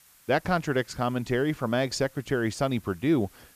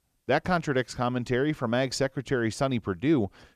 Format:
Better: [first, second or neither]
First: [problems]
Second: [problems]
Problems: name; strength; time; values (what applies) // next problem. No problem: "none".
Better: second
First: hiss; faint; throughout; 25 dB below the speech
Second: none